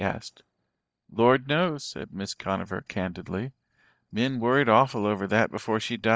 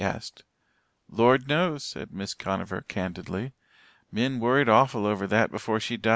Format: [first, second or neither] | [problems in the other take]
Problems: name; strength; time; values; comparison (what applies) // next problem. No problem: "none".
second | noise reduction (neural mask model DeepFilterNet 3)